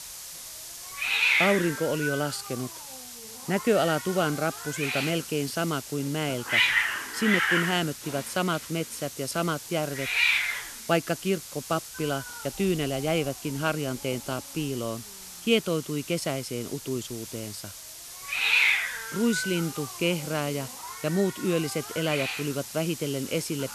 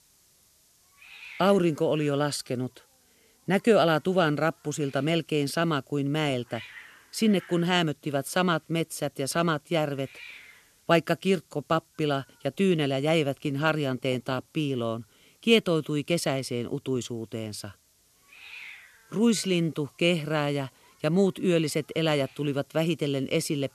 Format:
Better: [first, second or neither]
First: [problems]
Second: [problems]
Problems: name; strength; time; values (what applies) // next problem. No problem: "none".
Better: second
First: hiss; loud; throughout; 1 dB below the speech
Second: hiss; faint; throughout; 25 dB below the speech